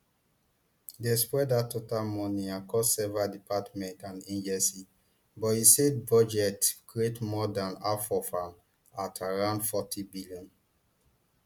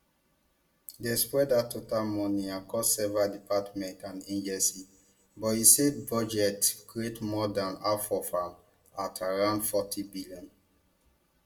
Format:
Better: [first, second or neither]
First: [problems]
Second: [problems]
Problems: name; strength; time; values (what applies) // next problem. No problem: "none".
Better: first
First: none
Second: room echo; dies away in 0.3 s